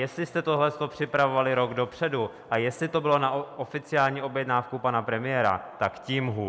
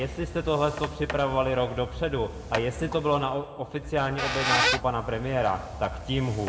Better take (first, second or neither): first